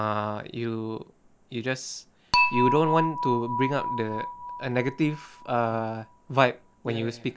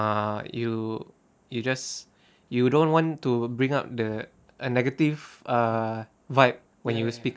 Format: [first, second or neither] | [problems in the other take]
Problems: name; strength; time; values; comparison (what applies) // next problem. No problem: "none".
second | background sound (Dishes, pots, and pans / Chink, clink); 4 dB below the speech